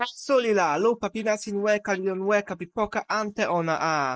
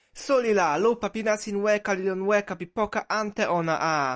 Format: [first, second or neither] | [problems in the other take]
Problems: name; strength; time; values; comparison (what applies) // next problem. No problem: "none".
second | noise reduction (neural mask model Resemble Enhance denoiser)